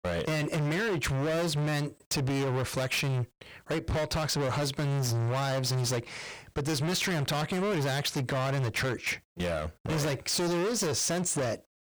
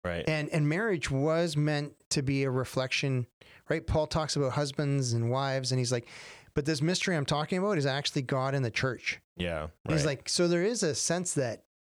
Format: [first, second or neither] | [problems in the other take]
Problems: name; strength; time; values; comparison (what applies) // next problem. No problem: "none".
second | distortion; heavy; 38% of the sound clipped